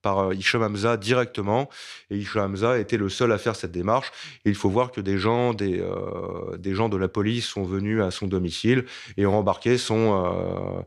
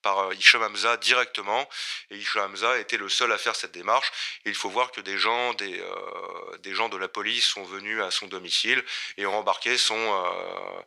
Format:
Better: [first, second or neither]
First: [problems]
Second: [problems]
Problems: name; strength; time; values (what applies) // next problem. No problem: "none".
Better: first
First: none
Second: thin; very; fading below 850 Hz